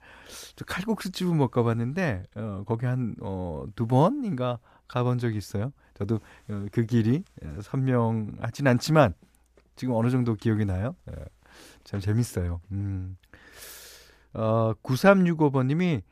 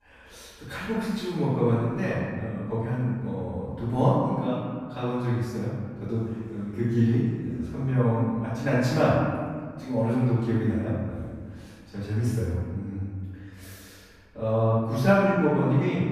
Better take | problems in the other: first | off-mic speech; far // room echo; strong; dies away in 1.6 s

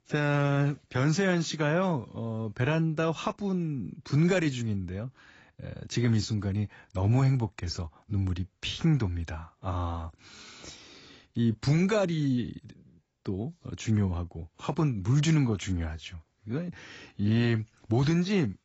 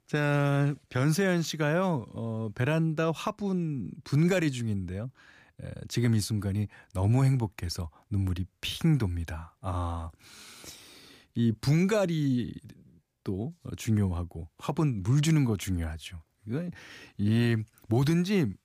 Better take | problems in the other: second | garbled, watery; badly; nothing above 7.5 kHz

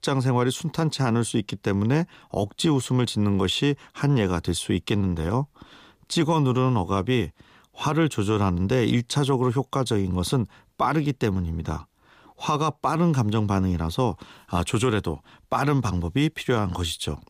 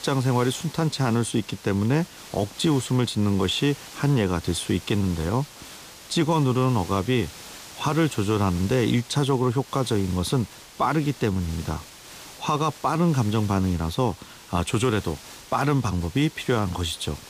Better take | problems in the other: first | hiss; noticeable; throughout; 15 dB below the speech

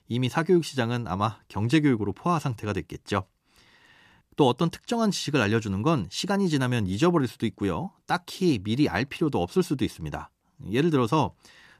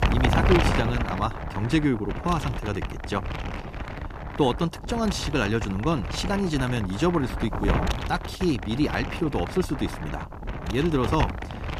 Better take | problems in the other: first | wind noise on the microphone; heavy; 4 dB below the speech

